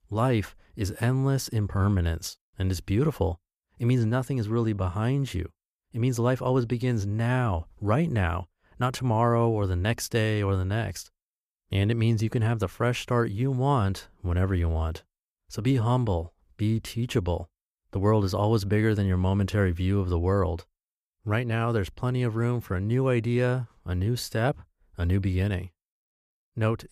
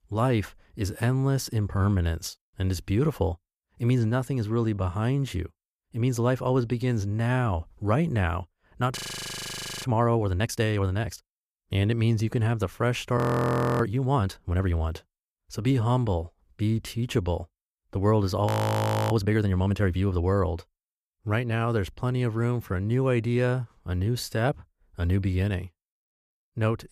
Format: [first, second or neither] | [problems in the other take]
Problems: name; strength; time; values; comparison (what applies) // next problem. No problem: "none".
first | audio freezing; at 9 s for 1 s, at 13 s for 0.5 s and at 18 s for 0.5 s